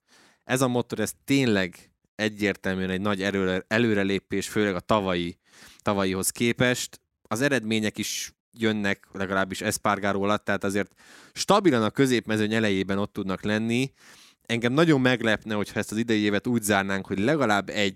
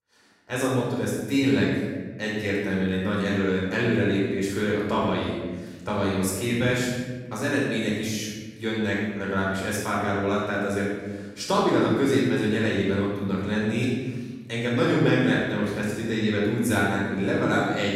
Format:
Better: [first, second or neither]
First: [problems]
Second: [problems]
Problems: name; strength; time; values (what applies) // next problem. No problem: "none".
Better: first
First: none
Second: room echo; strong; dies away in 1.4 s // off-mic speech; far